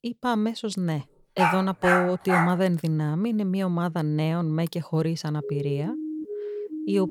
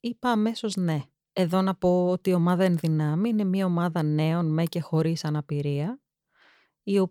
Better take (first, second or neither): second